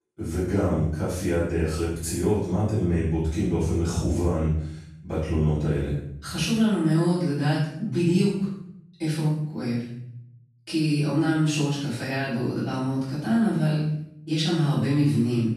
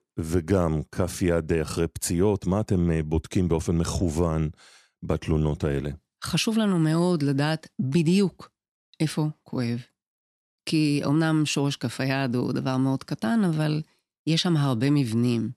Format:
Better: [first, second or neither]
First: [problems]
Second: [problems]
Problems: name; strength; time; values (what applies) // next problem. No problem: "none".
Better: second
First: room echo; strong; dies away in 0.7 s // off-mic speech; far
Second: none